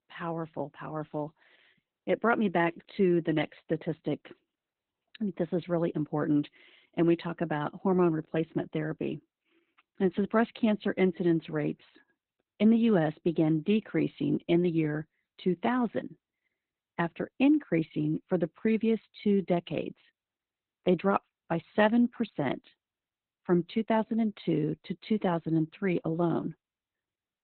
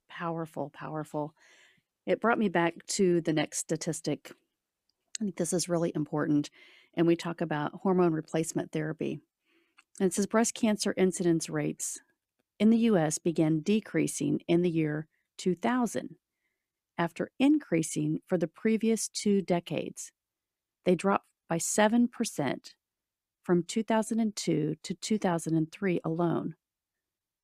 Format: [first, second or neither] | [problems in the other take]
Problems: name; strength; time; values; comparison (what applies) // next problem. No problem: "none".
second | garbled, watery; badly; nothing above 4 kHz